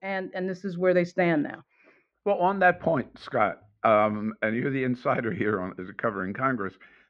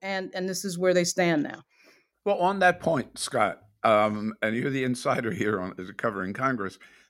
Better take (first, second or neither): second